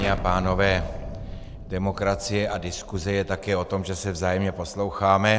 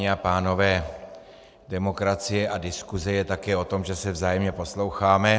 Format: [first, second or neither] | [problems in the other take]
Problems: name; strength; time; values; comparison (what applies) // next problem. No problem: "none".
second | background sound (Explosion); 11 dB below the speech